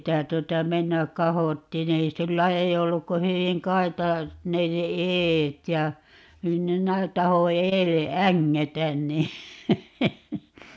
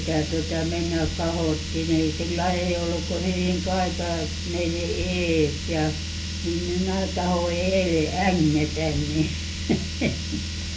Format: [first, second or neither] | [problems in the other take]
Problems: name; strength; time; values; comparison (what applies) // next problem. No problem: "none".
first | background sound (Car); 4 dB below the speech // room echo; dies away in 0.3 s